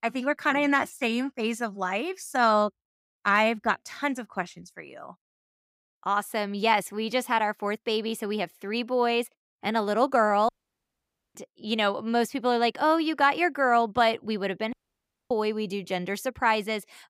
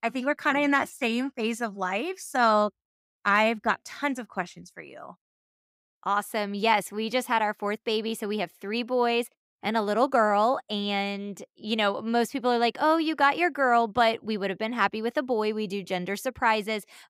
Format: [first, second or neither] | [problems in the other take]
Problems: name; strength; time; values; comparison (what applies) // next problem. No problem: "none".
second | audio cutting out; at 10 s for 1 s and at 15 s for 0.5 s